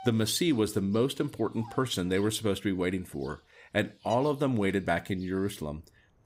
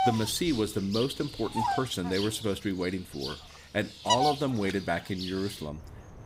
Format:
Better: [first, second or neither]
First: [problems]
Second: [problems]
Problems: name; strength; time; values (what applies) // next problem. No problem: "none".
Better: first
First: animal sounds; faint; throughout; 25 dB below the speech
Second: animal sounds; loud; throughout; 3 dB below the speech